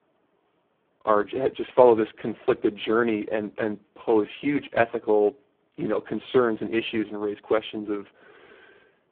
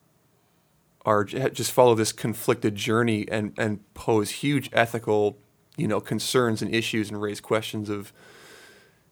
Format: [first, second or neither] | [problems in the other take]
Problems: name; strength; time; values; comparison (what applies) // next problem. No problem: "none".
second | phone-call audio; poor line